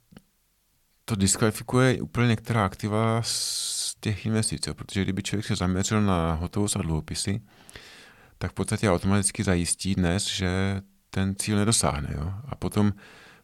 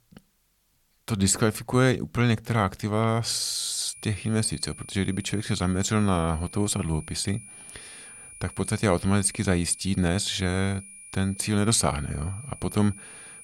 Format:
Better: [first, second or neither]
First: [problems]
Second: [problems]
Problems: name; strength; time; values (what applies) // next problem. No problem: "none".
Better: first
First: none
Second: high-pitched whine; noticeable; from 4 s on; 9.5 kHz, 15 dB below the speech